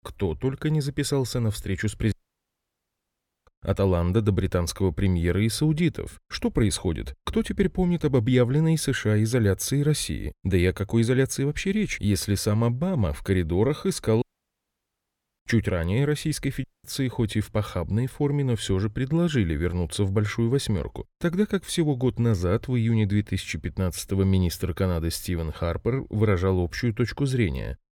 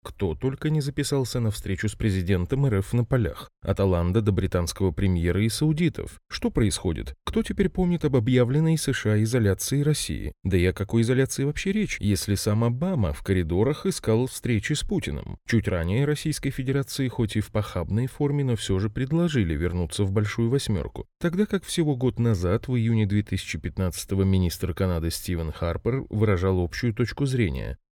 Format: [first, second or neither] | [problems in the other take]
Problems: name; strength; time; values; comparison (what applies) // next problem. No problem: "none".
second | audio cutting out; at 2 s for 1.5 s, at 14 s for 1 s and at 17 s